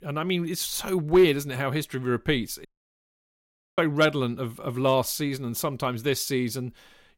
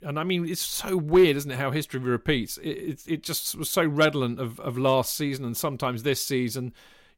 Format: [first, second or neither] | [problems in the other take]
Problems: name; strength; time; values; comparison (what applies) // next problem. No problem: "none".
second | audio cutting out; at 2.5 s for 1 s